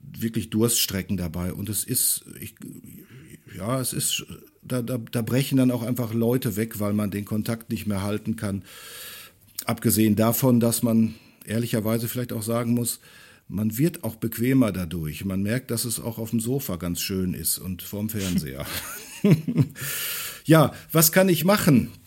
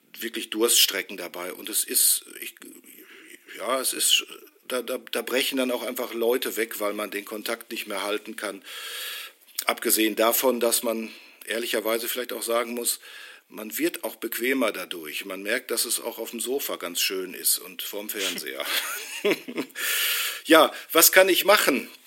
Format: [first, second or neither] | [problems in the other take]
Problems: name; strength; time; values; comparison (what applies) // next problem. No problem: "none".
first | thin; very; fading below 350 Hz